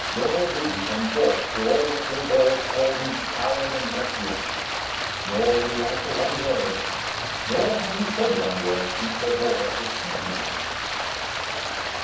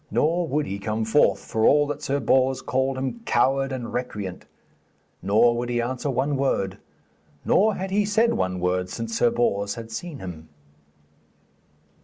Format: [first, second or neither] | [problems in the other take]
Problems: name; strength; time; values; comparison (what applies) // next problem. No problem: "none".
second | background sound (Stream); 2 dB below the speech // room echo; dies away in 0.7 s